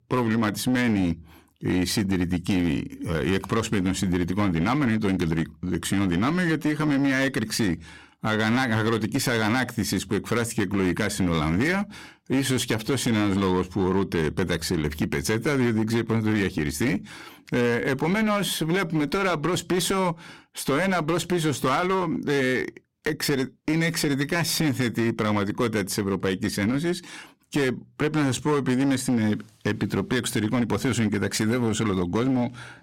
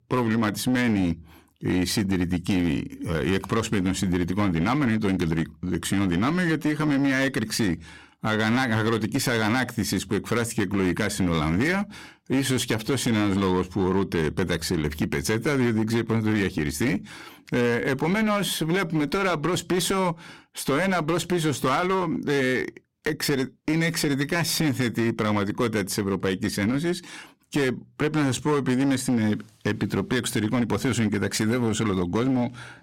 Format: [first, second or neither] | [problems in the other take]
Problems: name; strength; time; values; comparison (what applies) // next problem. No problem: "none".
neither | distortion; slight; 14% of the sound clipped; the same in both